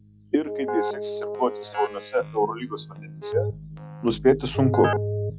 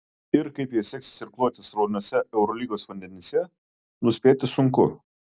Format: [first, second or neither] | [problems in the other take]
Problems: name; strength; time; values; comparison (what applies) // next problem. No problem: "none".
second | noise reduction (classical method log-MMSE)